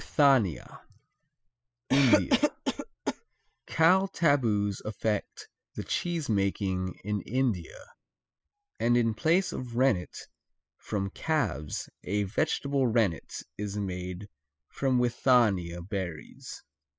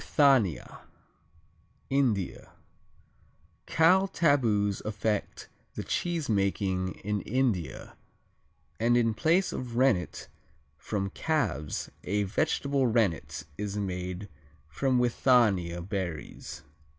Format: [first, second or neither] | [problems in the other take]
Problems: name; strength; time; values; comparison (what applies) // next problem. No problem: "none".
second | noise reduction (classical method spectral subtraction)